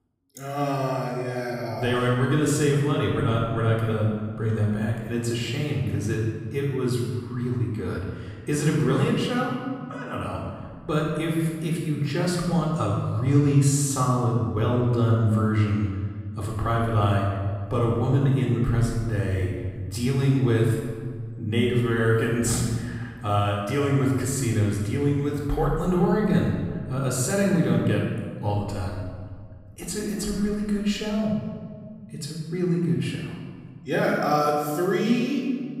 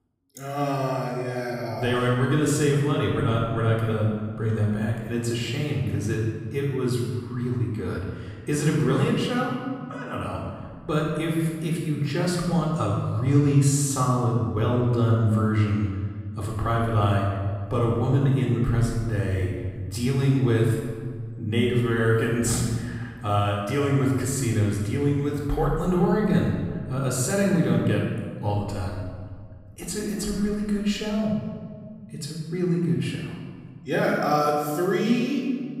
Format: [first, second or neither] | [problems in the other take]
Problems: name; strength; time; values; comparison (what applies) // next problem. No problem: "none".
neither | off-mic speech; somewhat distant; the same in both // room echo; noticeable; dies away in 1.6 s; the same in both